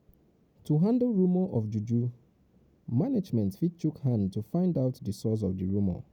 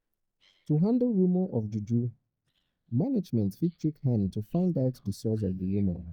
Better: first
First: none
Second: noise reduction (neural mask model DeepFilterNet 3)

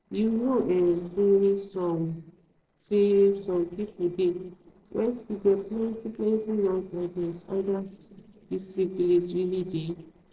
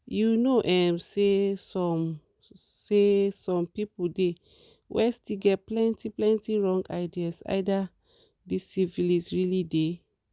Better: second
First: noise reduction (neural separator model SepFormer DNS4)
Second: none

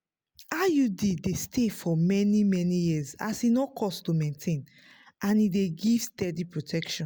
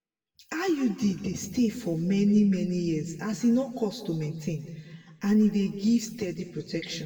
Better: first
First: none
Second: room echo; dies away in 1.4 s

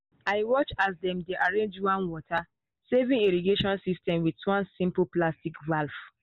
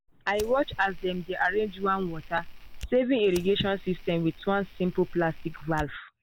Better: first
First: none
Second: background sound (Fire); 14 dB below the speech

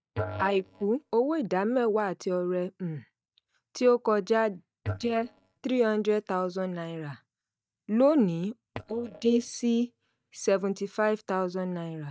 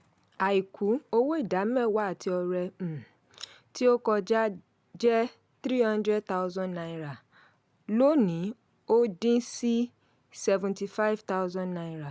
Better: second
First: noise reduction (neural mask model DeepFilterNet 3)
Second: none

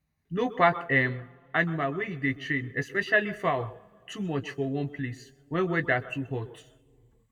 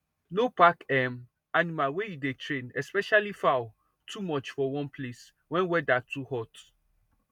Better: second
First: room echo; dies away in 1 s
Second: none

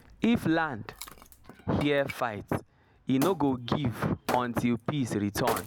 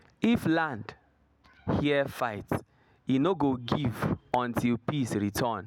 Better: second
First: background sound (Wood); 12 dB below the speech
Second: none

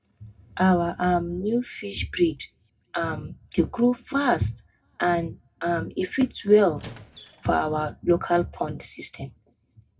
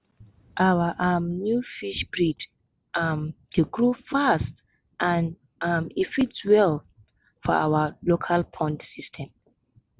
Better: second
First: background sound (Squeak); 19 dB below the speech // room echo; dies away in 0.2 s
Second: none

